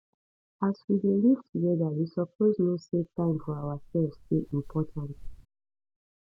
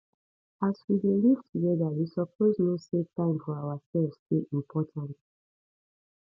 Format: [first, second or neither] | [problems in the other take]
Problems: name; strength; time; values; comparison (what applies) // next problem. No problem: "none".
second | background sound (Wind); 16 dB below the speech